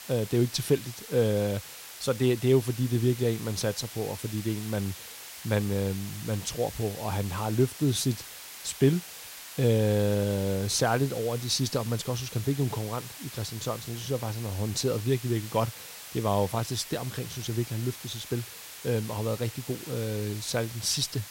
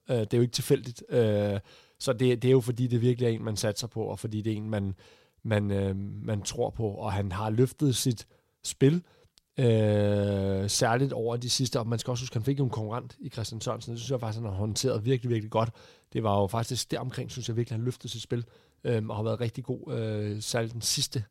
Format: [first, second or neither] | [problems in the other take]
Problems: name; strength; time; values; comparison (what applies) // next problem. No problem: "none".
second | hiss; noticeable; throughout; 10 dB below the speech